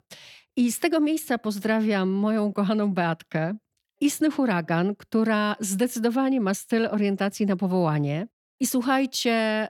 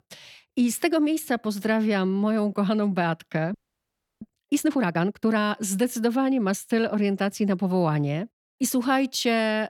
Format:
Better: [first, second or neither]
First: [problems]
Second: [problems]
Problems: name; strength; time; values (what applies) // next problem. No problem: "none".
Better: first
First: none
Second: audio freezing; at 3.5 s for 0.5 s